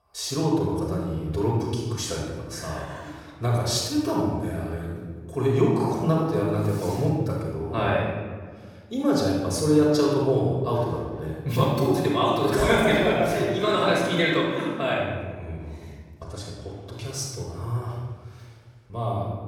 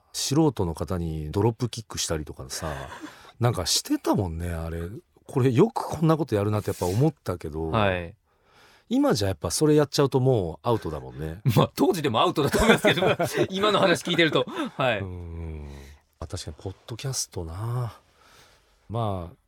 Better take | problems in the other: second | room echo; strong; dies away in 1.3 s // off-mic speech; far

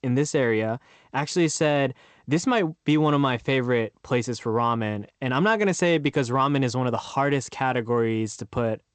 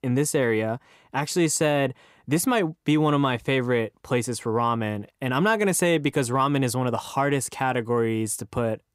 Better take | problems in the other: second | garbled, watery; slightly; nothing above 8 kHz

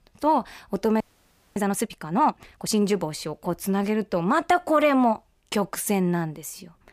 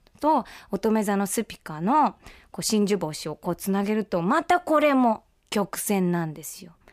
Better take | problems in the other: second | audio freezing; at 1 s for 0.5 s

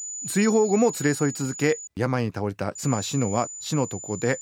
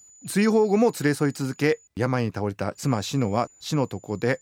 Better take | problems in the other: second | high-pitched whine; loud; until 2 s and from 3 s on; 7 kHz, 9 dB below the speech; faint in the second

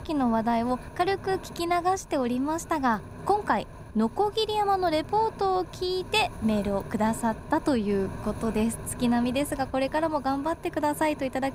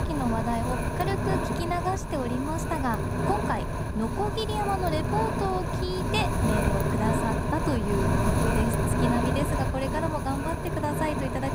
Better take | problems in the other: first | wind noise on the microphone; heavy; as loud as the speech; occasional gusts in the first

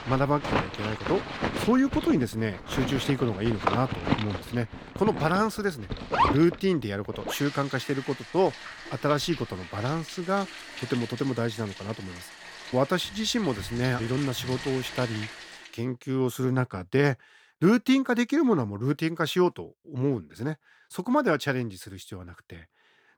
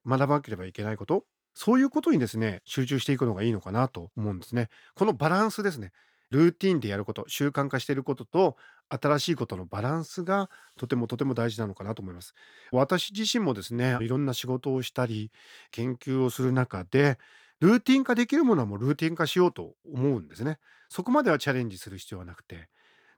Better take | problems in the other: second | household noises; loud; until 15 s; 7 dB below the speech

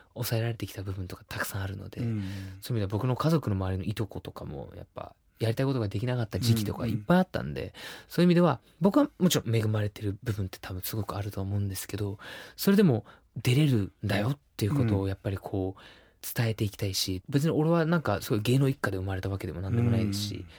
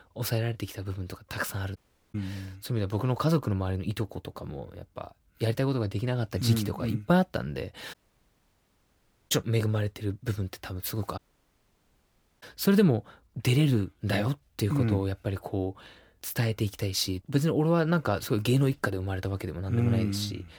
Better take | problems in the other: first | audio cutting out; at 2 s, at 8 s for 1.5 s and at 11 s for 1 s

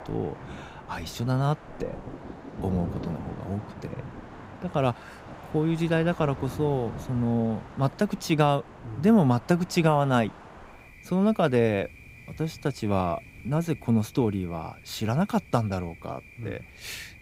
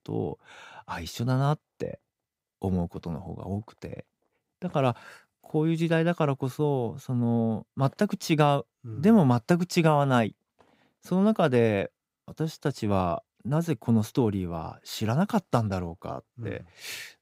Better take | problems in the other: second | rain or running water; noticeable; throughout; 15 dB below the speech

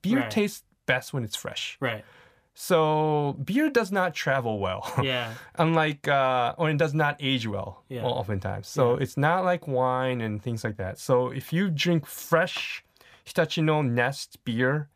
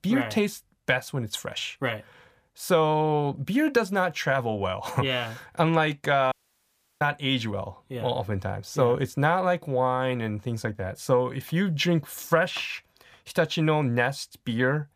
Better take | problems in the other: first | audio cutting out; at 6.5 s for 0.5 s

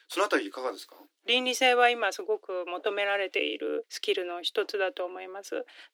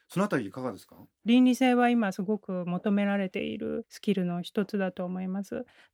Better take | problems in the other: second | thin; very; fading below 300 Hz

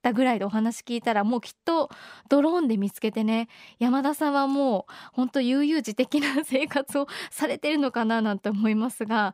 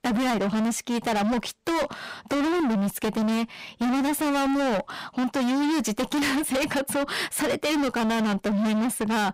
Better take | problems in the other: first | distortion; heavy; 43% of the sound clipped

